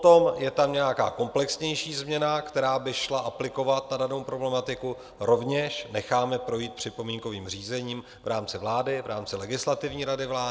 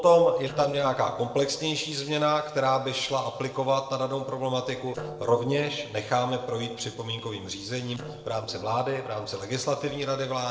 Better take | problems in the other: first | noise reduction (neural separator model SepFormer DNS4)

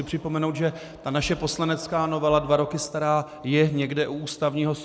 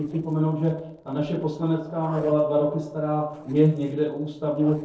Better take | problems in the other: first | noise reduction (neural separator model SepFormer DNS4)

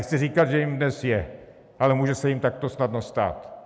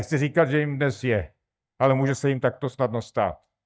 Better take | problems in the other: first | noise reduction (neural mask model DeepFilterNet 3)

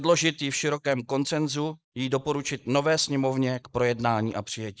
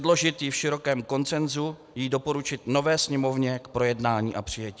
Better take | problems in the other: second | noise reduction (neural mask model Resemble Enhance denoiser)

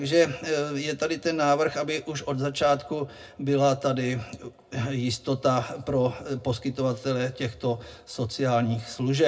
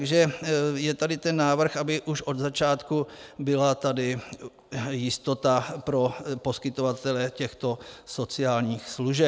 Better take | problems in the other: second | room echo; dies away in 0.2 s

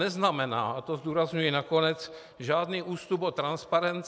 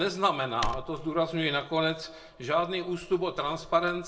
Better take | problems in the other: first | background sound (Tearing / Wood); 13 dB below the speech // room echo; dies away in 0.3 s

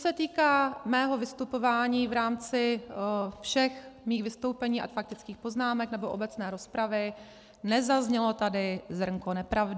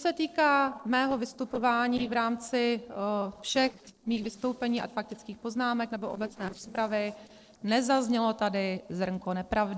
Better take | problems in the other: first | noise reduction (neural separator model SepFormer DNS4)

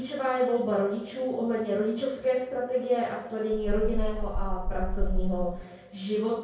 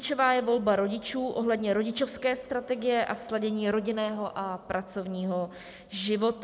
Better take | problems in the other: second | background sound (Meow); 2 dB above the speech // room echo; dies away in 0.6 s

